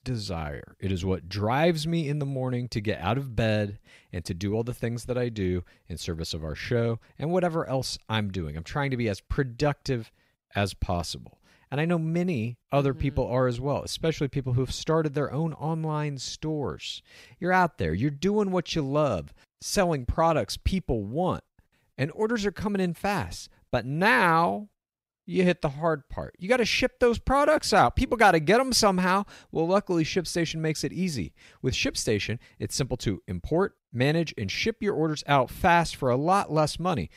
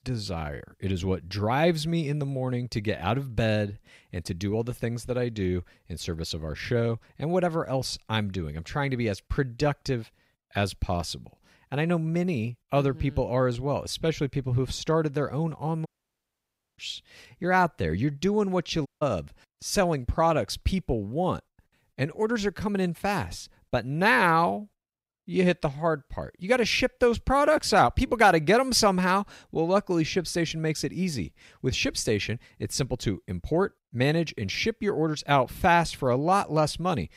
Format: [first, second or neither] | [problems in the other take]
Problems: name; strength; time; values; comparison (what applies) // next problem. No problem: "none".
first | audio cutting out; at 16 s for 1 s and at 19 s